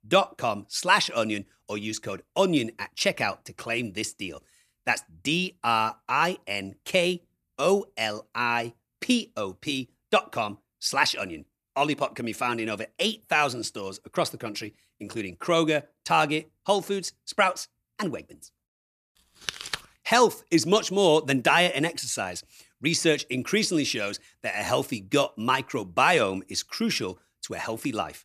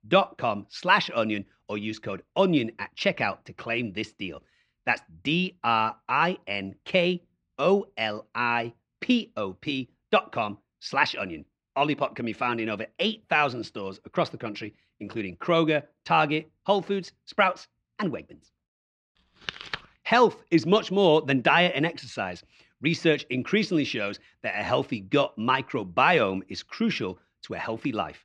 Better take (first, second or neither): first